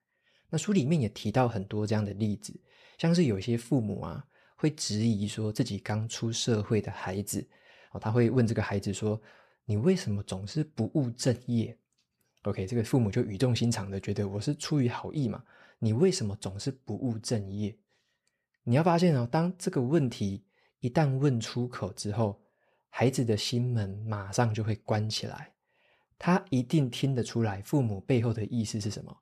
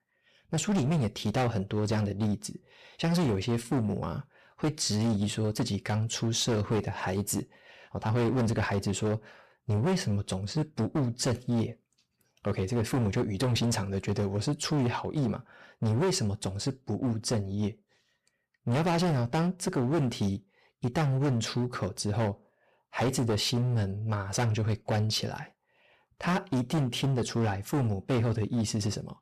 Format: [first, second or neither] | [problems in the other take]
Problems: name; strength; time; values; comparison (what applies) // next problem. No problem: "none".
first | distortion; heavy; 15% of the sound clipped